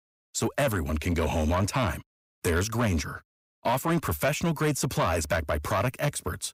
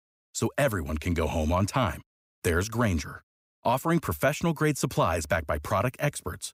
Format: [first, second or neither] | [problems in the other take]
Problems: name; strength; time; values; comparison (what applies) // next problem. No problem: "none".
second | distortion; slight; 10 dB below the speech